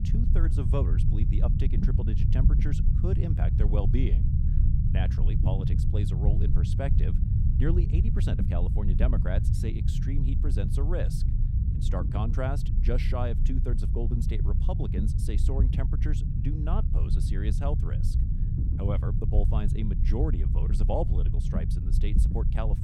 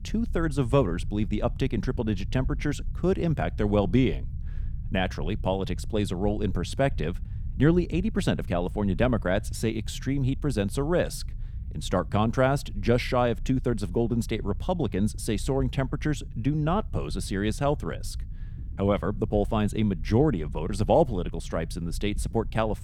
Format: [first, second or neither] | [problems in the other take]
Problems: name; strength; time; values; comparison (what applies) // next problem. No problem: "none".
second | low rumble; loud; throughout; 3 dB below the speech; faint in the second